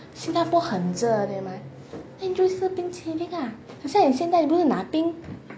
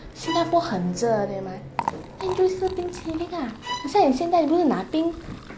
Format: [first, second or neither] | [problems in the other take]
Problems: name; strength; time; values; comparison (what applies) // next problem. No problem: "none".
first | background sound (Liquid + Bowed string instrument); 13 dB below the speech